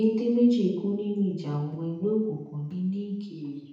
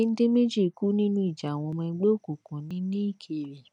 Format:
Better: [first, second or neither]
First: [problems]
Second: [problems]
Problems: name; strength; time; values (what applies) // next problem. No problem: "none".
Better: second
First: room echo; dies away in 0.8 s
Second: none